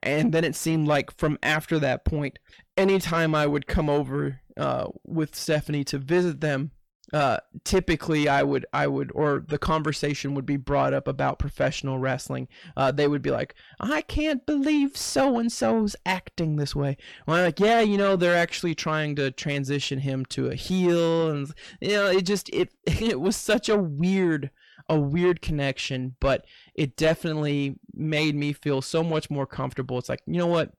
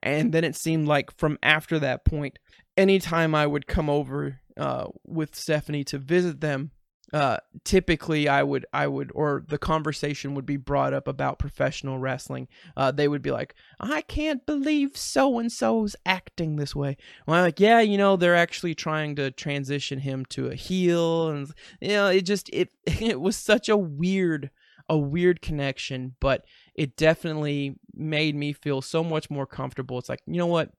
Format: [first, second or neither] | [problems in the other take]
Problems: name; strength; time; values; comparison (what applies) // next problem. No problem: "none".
second | distortion; slight; 10 dB below the speech